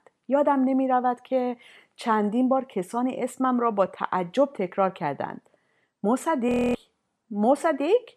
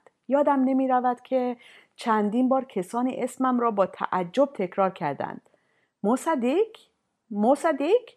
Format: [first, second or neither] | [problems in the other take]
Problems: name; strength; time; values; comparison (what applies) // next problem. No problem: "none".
second | audio freezing; at 6.5 s